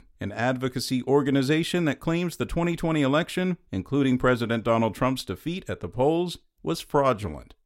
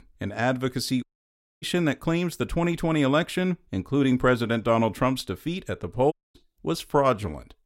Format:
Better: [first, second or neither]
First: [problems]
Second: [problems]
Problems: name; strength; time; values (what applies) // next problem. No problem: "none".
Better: first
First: none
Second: audio cutting out; at 1 s for 0.5 s and at 6 s